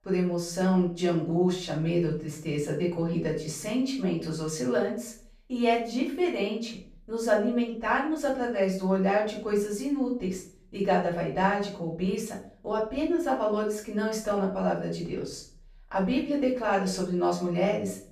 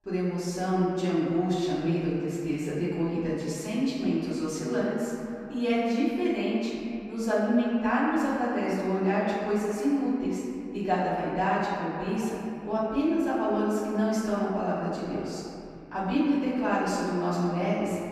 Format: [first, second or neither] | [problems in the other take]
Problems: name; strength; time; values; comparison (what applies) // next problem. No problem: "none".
first | room echo; strong; dies away in 2.8 s; slight in the first // off-mic speech; far; far in the first